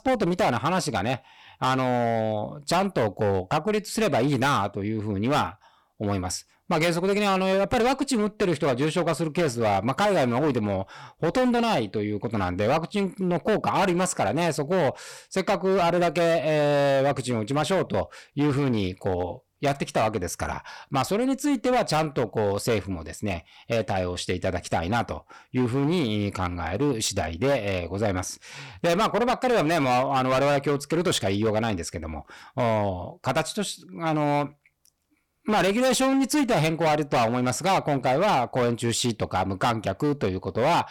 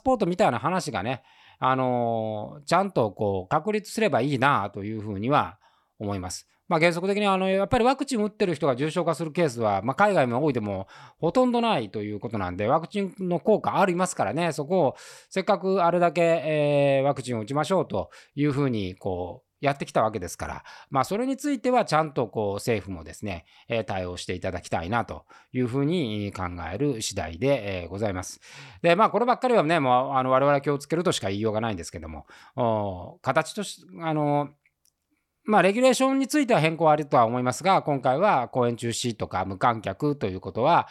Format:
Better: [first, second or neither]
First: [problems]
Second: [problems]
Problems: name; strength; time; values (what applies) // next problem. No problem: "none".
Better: second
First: distortion; heavy; 15% of the sound clipped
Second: none